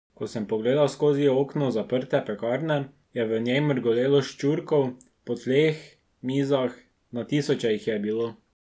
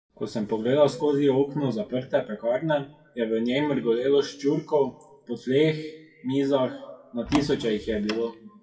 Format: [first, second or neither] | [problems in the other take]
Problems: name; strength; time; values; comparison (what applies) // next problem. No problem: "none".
first | noise reduction (classical method WPE with log-MMSE)